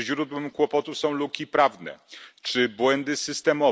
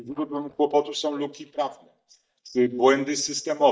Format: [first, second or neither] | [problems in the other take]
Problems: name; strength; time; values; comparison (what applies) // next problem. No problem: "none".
first | noise reduction (neural mask model DeepFilterNet 3)